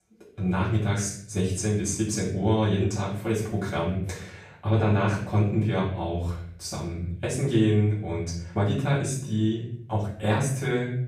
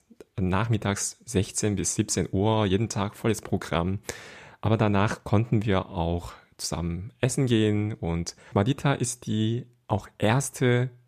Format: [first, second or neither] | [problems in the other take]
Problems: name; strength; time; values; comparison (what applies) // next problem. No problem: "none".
second | off-mic speech; far // room echo; noticeable; dies away in 0.6 s